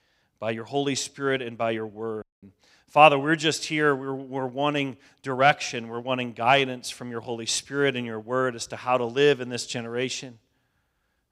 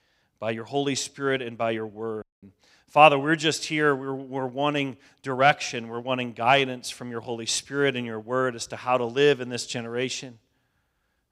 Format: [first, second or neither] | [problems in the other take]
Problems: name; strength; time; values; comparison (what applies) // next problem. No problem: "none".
neither | audio cutting out; at 2 s; the same in both